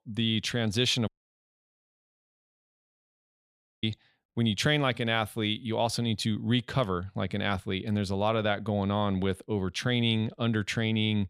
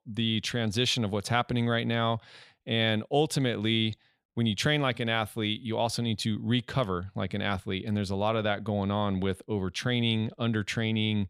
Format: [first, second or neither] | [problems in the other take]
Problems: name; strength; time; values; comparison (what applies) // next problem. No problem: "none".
second | audio cutting out; at 1 s for 3 s